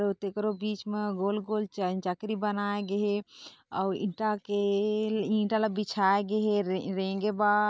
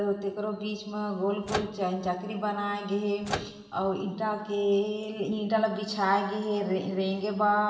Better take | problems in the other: first | background sound (Microwave oven); 9 dB below the speech // room echo; dies away in 2 s

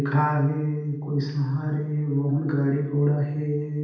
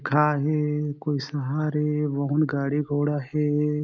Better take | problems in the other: second | room echo; dies away in 0.8 s

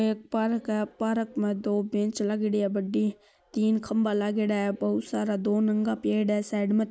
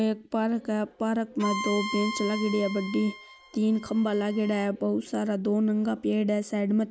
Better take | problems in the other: first | background sound (Bowed string instrument); 10 dB below the speech

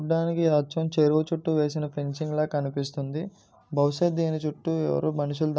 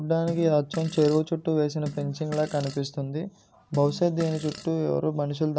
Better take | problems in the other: first | background sound (Fart); 15 dB below the speech

